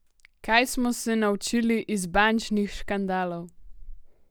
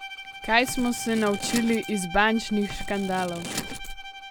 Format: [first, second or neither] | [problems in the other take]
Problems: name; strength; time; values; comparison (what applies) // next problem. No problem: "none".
first | background sound (Scissors + Bowed string instrument); 10 dB below the speech